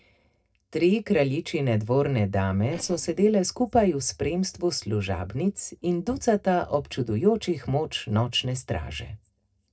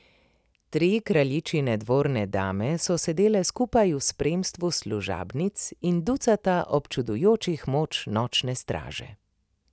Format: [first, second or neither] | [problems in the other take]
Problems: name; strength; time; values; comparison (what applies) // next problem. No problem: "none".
second | noise reduction (neural separator model SepFormer DNS4)